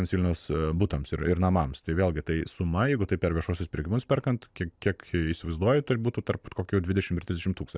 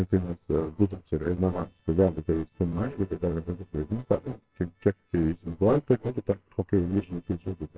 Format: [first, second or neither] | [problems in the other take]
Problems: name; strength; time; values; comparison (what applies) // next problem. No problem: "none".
first | noise reduction (neural separator model SepFormer WHAMR!)